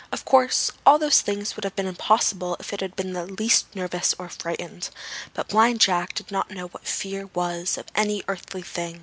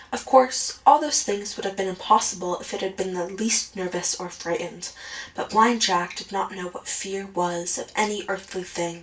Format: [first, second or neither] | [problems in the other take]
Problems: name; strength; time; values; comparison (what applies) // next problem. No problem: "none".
first | room echo; dies away in 0.2 s